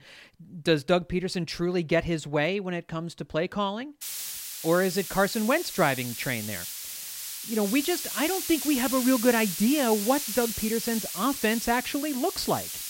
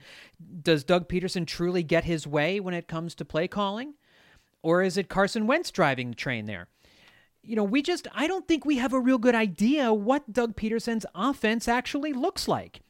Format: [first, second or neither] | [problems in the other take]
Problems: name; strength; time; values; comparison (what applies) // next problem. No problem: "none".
second | hiss; loud; from 4 s on; 5 dB below the speech